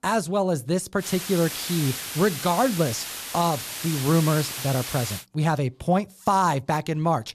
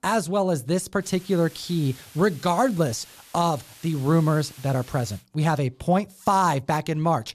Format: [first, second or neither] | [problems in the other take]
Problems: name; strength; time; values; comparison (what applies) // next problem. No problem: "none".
second | hiss; loud; from 1 to 5 s; 6 dB below the speech; faint in the second